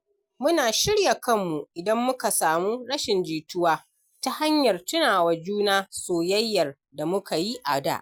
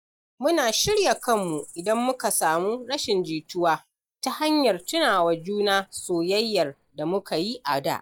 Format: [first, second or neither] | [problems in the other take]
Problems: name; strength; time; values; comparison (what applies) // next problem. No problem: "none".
first | noise reduction (neural mask model DeepFilterNet 3)